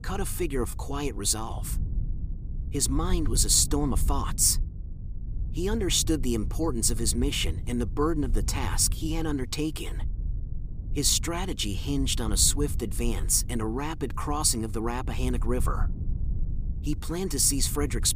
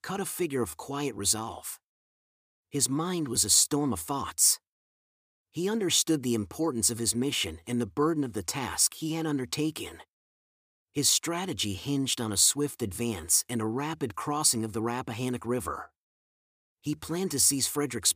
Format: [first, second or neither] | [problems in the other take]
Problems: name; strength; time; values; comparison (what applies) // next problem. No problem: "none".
second | low rumble; faint; throughout; 20 dB below the speech